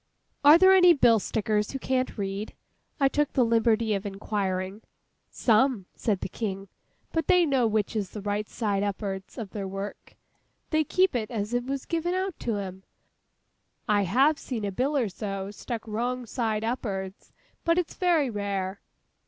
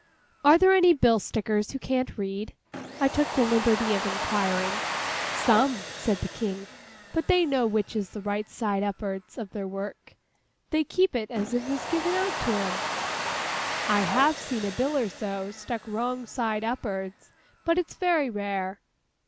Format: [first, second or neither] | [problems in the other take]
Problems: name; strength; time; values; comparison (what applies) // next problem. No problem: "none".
first | background sound (Domestic sounds, home sounds); 8 dB below the speech